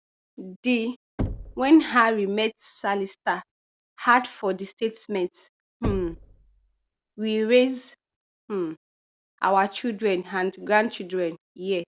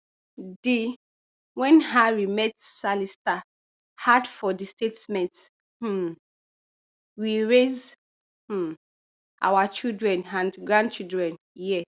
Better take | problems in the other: second | background sound (Knock / Wood); 11 dB below the speech

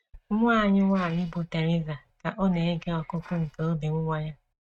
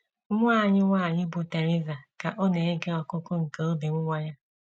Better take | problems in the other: second | noise reduction (neural mask model RNNoise)

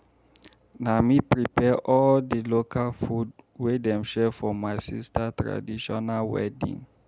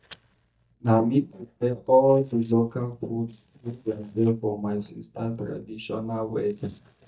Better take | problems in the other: first | noise reduction (neural mask model DeepFilterNet 3)

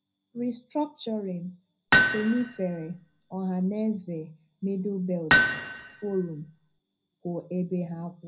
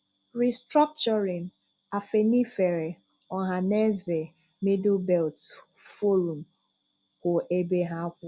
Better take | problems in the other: second | background sound (Hammer); 5 dB above the speech // room echo; dies away in 0.4 s

